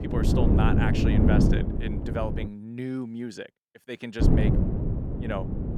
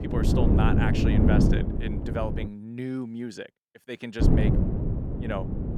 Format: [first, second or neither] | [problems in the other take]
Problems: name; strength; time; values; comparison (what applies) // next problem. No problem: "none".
neither | wind noise on the microphone; heavy; until 2.5 s and from 4 s on; 2 dB above the speech; the same in both